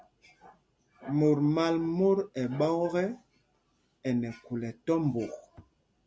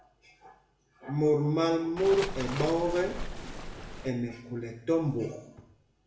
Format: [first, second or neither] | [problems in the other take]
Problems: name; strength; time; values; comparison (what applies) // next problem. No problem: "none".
first | background sound (Waves, surf); 7 dB below the speech // room echo; dies away in 0.7 s